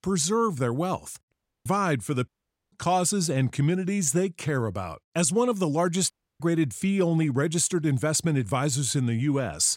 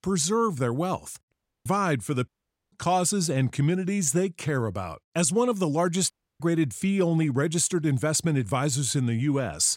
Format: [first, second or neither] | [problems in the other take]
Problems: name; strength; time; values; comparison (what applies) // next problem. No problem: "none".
neither | audio cutting out; at 1.5 s, at 2.5 s and at 6 s; the same in both